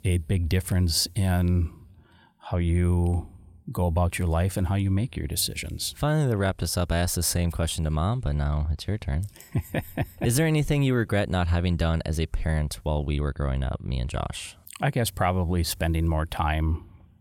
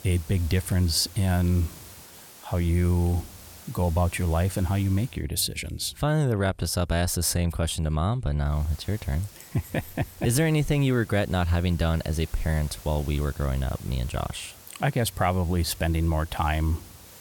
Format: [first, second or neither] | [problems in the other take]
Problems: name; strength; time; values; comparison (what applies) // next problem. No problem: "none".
first | hiss; noticeable; until 5 s and from 8.5 s on; 20 dB below the speech